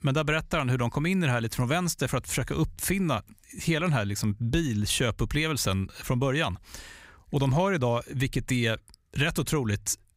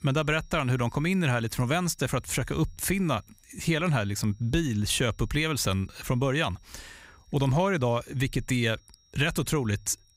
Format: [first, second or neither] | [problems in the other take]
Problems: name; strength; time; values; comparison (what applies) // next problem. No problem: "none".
first | high-pitched whine; faint; throughout; 5.5 kHz, 35 dB below the speech